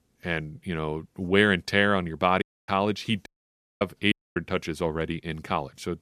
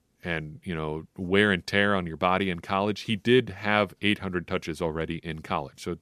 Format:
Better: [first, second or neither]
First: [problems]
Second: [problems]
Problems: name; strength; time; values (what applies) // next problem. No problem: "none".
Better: second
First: audio cutting out; at 2.5 s, at 3.5 s for 0.5 s and at 4 s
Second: none